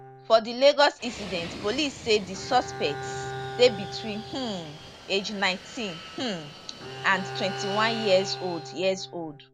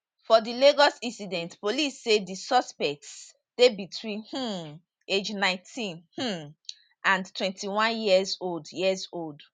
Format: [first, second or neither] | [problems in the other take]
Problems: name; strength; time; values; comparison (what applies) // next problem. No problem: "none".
second | background sound (Fixed-wing aircraft, airplane + Bowed string instrument); 11 dB below the speech